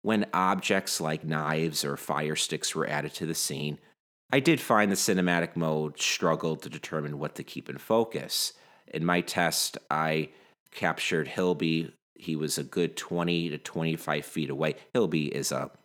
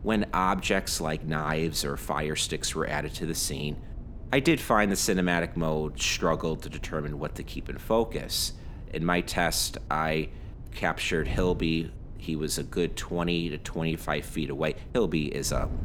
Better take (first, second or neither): first